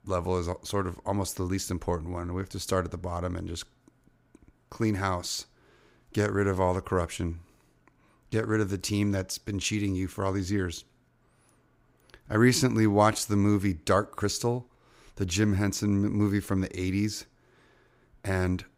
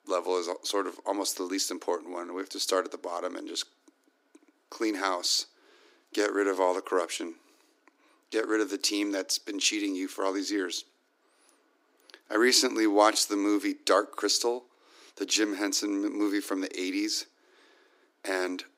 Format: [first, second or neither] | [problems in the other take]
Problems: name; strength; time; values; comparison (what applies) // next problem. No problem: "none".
first | thin; somewhat; fading below 300 Hz